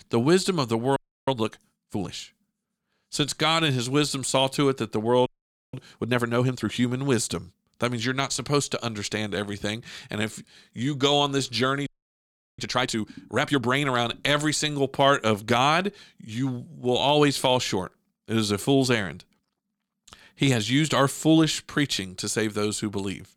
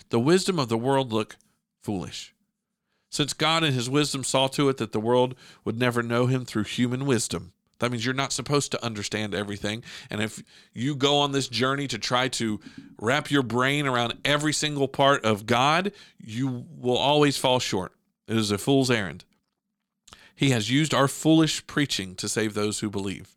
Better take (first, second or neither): second